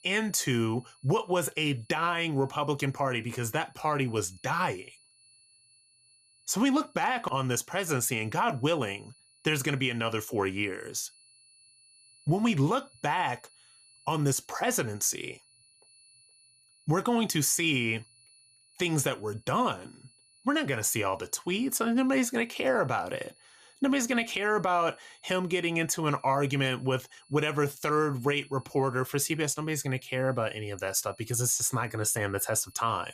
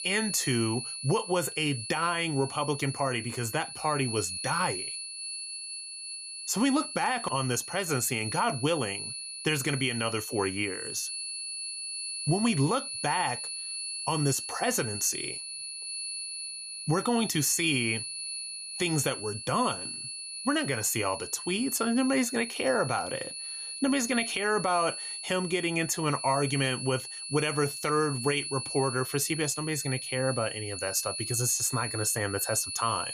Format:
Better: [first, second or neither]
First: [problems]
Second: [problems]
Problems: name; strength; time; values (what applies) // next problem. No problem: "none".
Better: first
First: high-pitched whine; faint; throughout; 4.5 kHz, 30 dB below the speech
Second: high-pitched whine; loud; throughout; 4.5 kHz, 6 dB below the speech